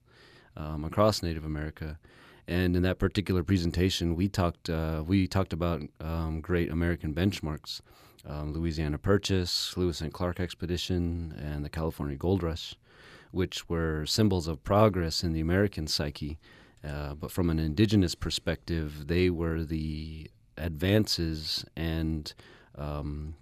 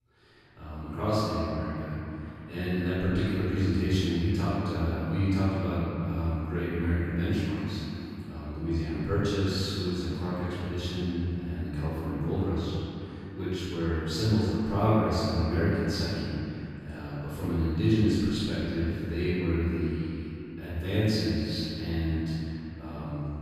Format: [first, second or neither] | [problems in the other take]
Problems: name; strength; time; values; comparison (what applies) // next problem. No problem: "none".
first | off-mic speech; far // room echo; strong; dies away in 3 s